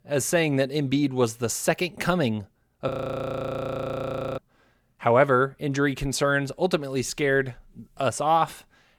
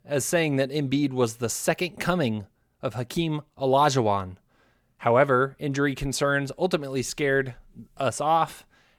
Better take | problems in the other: second | audio freezing; at 3 s for 1.5 s

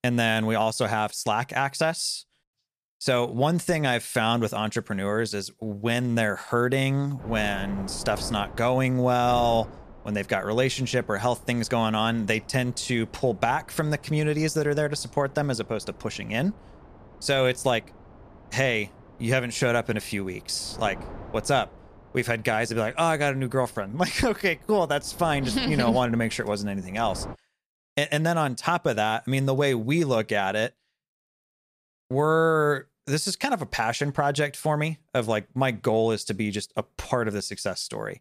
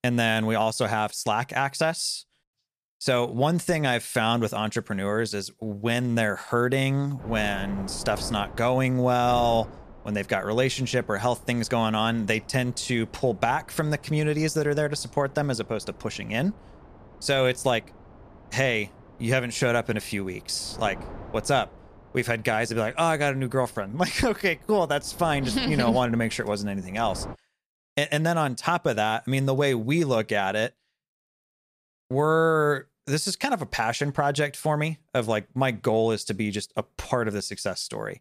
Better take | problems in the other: neither | wind noise on the microphone; occasional gusts; from 7 to 27 s; 20 dB below the speech; the same in both

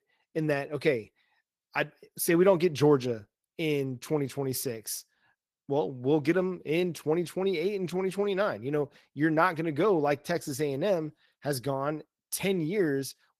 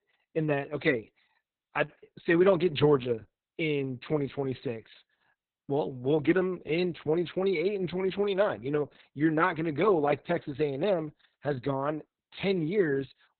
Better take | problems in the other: first | garbled, watery; badly; nothing above 4 kHz; slightly in the first

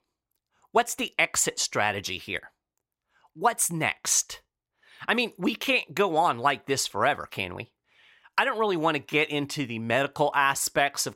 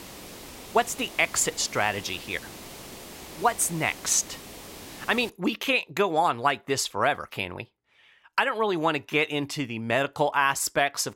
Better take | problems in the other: first | hiss; noticeable; until 5.5 s; 15 dB below the speech

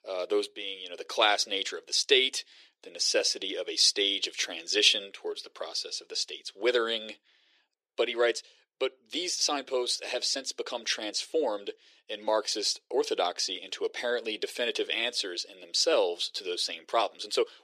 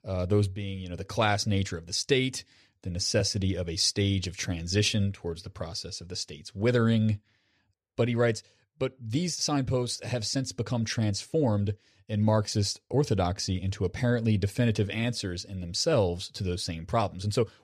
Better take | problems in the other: second | thin; very; fading below 350 Hz

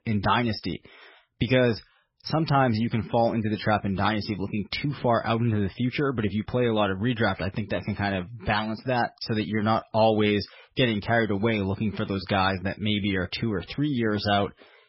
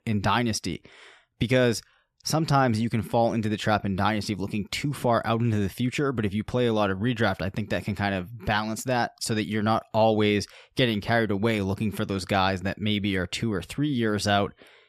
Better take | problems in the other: second | garbled, watery; badly; nothing above 5.5 kHz

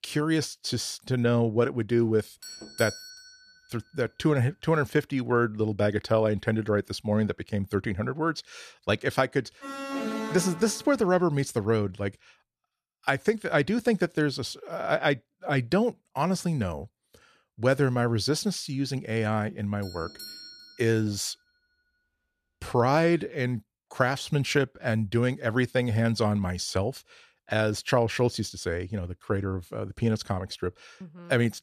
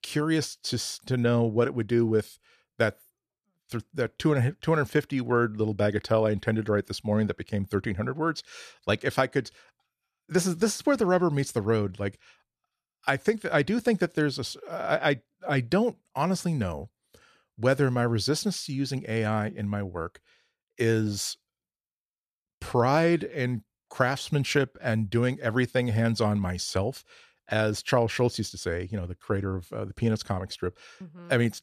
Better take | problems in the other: second | doorbell; noticeable; from 2.5 to 3.5 s; peak 10 dB below the speech // alarm; noticeable; from 9.5 to 11 s; peak 4 dB below the speech // doorbell; faint; from 20 to 21 s; peak 15 dB below the speech

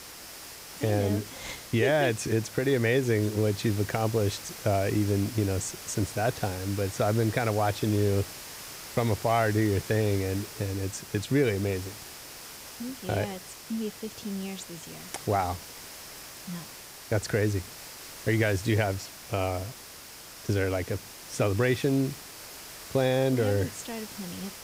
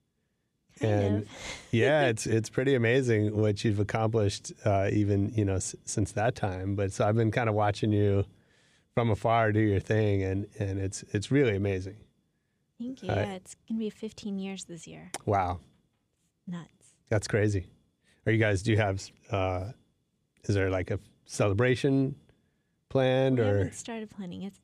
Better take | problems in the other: second | hiss; noticeable; throughout; 15 dB below the speech

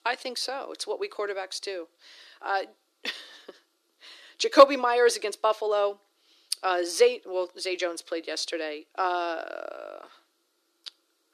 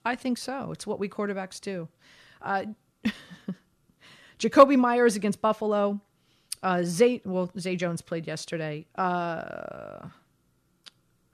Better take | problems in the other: second | thin; very; fading below 300 Hz

